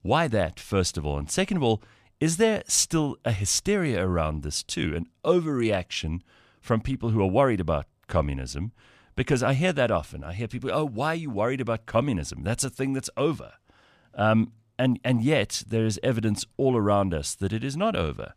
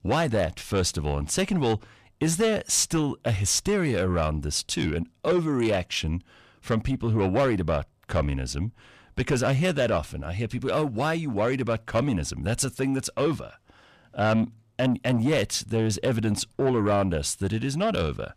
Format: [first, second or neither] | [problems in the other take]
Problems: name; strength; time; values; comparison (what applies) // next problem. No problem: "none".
first | distortion; slight; 10 dB below the speech